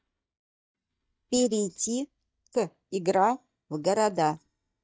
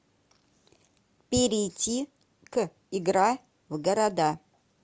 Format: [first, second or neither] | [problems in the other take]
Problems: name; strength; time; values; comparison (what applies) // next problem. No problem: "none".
second | noise reduction (neural mask model DeepFilterNet 3)